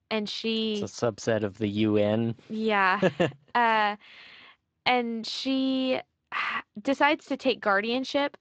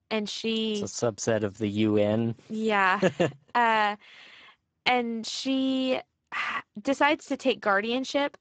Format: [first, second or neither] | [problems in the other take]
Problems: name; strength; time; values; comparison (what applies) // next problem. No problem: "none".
first | garbled, watery; badly; nothing above 7.5 kHz; slightly in the first